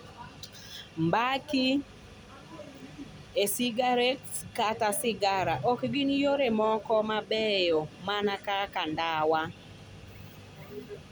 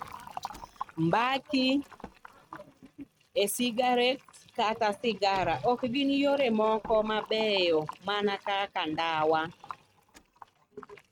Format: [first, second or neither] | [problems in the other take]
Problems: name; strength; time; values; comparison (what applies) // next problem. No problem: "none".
first | noise reduction (neural mask model RNNoise)